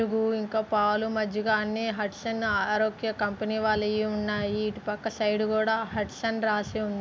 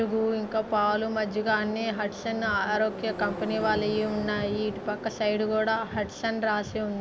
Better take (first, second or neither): first